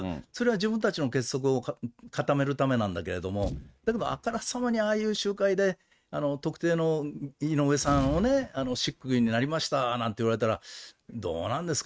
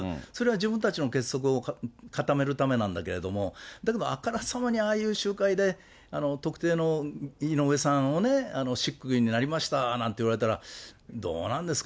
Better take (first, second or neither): second